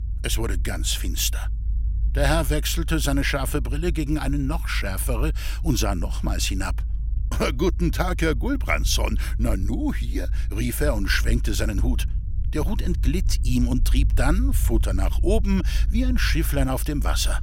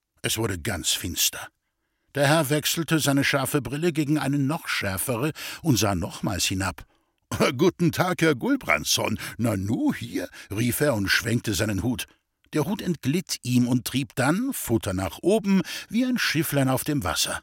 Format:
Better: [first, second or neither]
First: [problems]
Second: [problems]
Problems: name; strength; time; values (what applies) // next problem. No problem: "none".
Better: second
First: low rumble; noticeable; throughout; 20 dB below the speech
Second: none